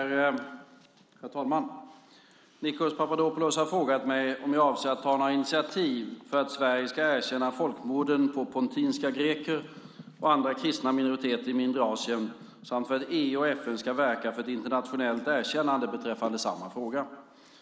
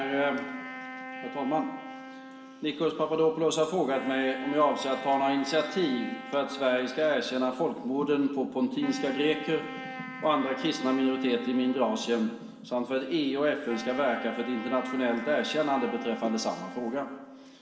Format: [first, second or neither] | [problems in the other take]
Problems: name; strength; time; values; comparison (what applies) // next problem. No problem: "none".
first | background sound (Wind instrument, woodwind instrument); 13 dB below the speech // room echo; dies away in 1.6 s